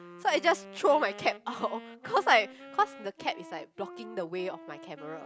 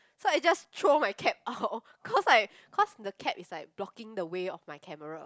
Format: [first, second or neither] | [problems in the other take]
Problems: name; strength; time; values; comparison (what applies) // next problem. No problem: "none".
second | background sound (Wind instrument, woodwind instrument); 17 dB below the speech